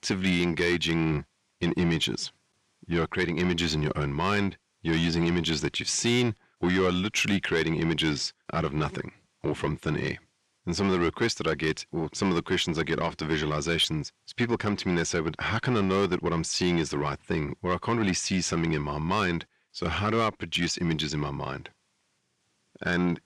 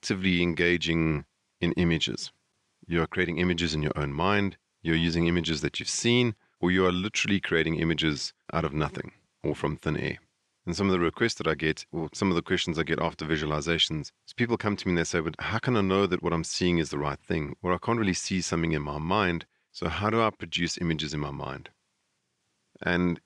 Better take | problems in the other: second | distortion; slight; 10 dB below the speech

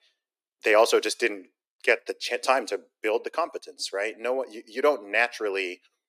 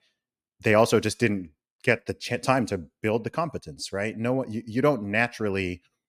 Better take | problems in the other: second | thin; very; fading below 350 Hz

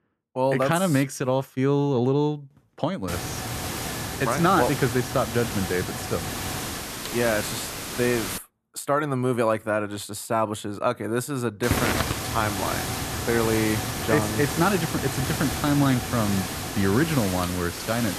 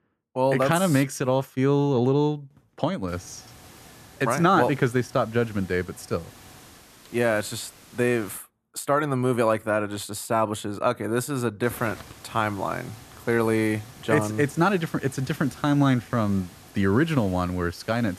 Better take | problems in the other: second | hiss; loud; from 3 to 8.5 s and from 12 s on; 4 dB below the speech; faint in the second

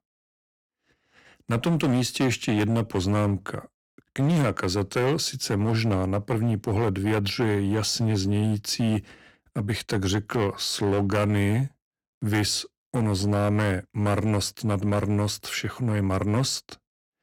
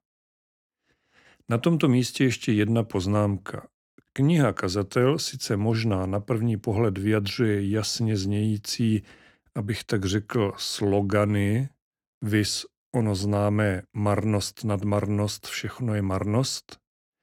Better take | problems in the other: second | distortion; slight; 9% of the sound clipped

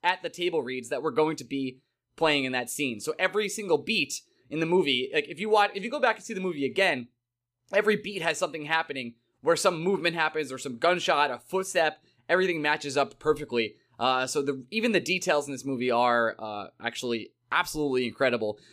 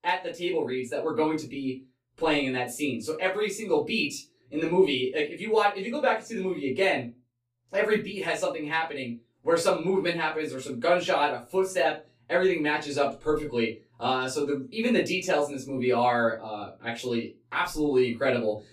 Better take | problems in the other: first | off-mic speech; far // room echo; very slight; dies away in 0.2 s

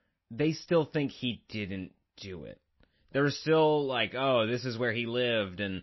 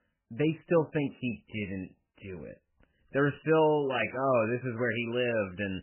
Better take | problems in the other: first | garbled, watery; badly; nothing above 3 kHz; slightly in the first

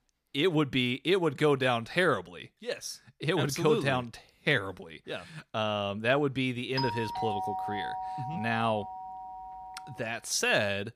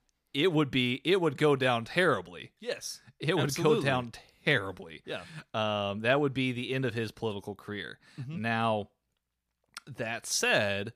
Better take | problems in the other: second | doorbell; noticeable; from 7 to 10 s; peak 4 dB below the speech

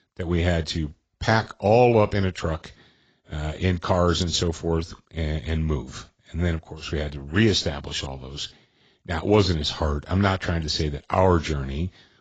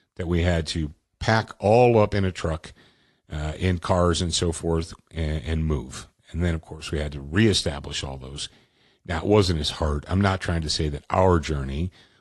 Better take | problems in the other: second | garbled, watery; badly; nothing above 7.5 kHz; slightly in the second

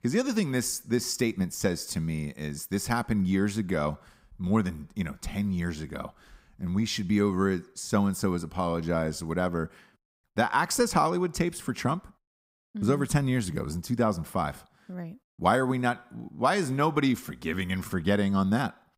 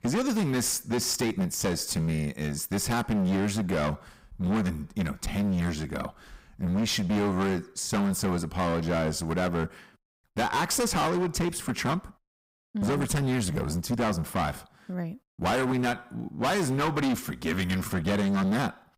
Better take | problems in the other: first | distortion; heavy; 22% of the sound clipped

